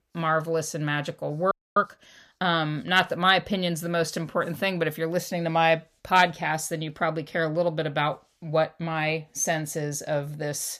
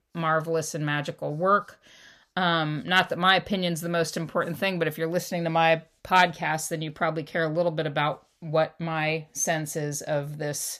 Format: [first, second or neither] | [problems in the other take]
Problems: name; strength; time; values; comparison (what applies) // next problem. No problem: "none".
second | audio freezing; at 1.5 s